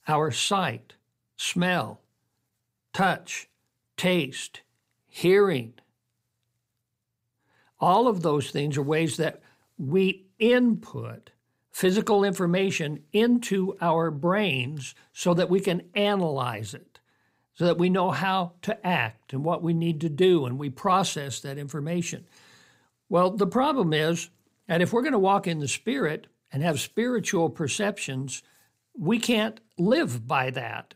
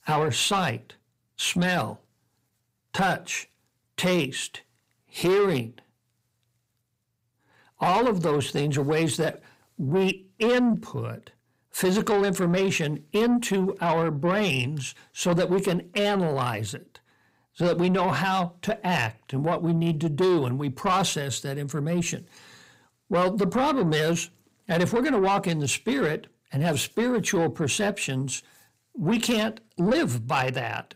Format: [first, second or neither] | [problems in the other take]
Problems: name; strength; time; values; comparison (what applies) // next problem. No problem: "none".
first | distortion; slight; 10 dB below the speech